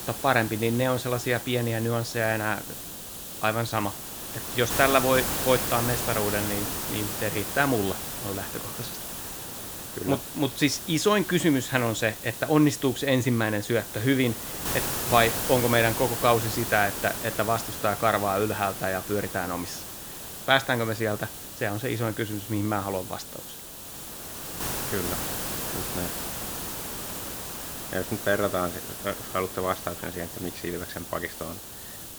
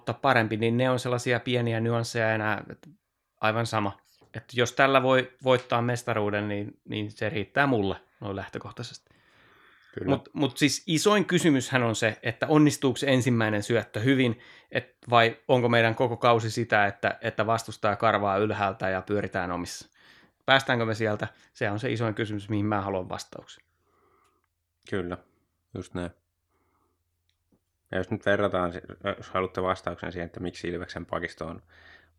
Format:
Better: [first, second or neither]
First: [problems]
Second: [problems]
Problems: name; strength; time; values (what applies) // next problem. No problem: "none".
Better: second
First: hiss; loud; throughout; 5 dB below the speech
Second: none